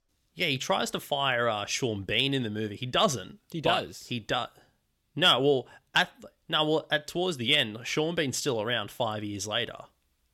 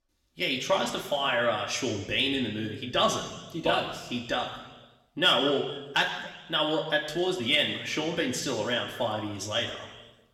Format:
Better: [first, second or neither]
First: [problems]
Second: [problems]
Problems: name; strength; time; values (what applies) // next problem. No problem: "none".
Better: first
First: none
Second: room echo; slight; dies away in 1.2 s // off-mic speech; somewhat distant